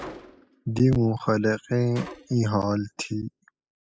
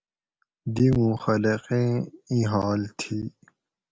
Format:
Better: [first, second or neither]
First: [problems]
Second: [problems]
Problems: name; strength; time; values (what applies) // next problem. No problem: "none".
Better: second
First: noise reduction (classical method spectral subtraction)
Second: none